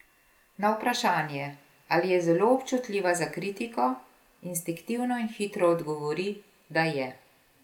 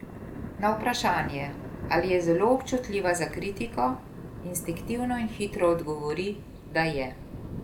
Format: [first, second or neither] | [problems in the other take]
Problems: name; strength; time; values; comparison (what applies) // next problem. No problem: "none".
first | background sound (Thunder); 11 dB below the speech